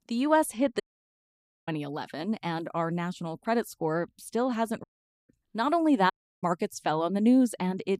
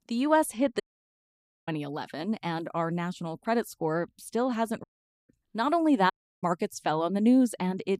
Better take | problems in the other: neither | audio cutting out; at 1 s for 1 s, at 5 s and at 6 s; the same in both

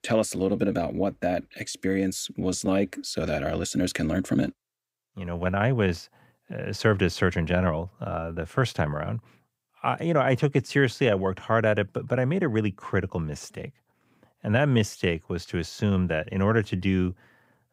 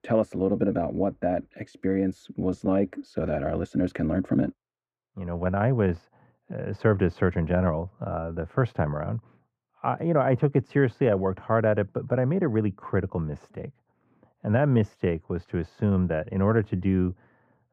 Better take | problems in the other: first | muffled; very; fading above 2.5 kHz

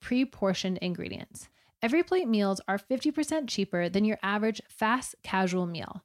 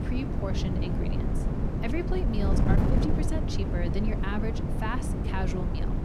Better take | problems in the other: first | wind noise on the microphone; heavy; as loud as the speech

